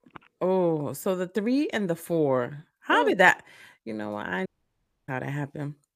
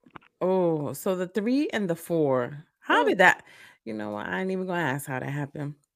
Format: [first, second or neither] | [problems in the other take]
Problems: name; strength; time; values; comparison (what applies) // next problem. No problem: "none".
second | audio cutting out; at 4.5 s for 0.5 s